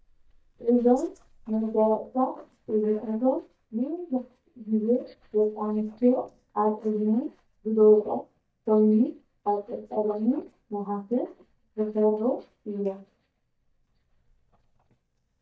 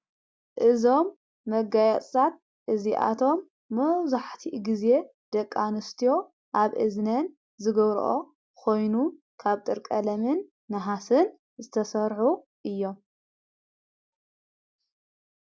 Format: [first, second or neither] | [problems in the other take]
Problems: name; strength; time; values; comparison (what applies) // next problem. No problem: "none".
second | noise reduction (neural mask model DeepFilterNet 3)